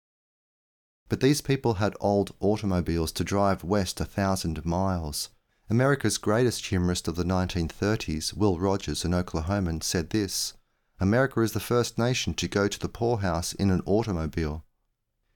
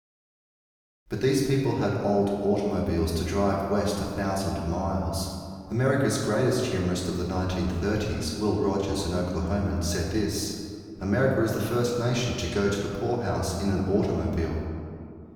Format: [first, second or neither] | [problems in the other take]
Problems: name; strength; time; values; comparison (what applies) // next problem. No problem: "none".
first | room echo; noticeable; dies away in 1.9 s // off-mic speech; far